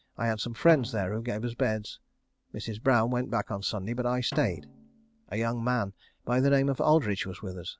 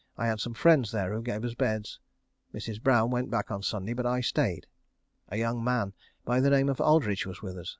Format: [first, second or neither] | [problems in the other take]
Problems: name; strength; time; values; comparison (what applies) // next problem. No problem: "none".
second | background sound (Snare drum); 19 dB below the speech